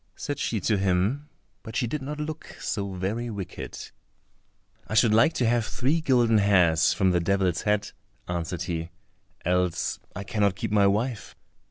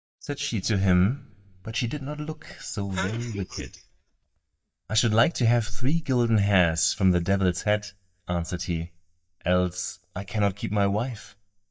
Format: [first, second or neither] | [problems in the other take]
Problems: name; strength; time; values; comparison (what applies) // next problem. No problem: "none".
first | noise reduction (neural mask model DeepFilterNet 3)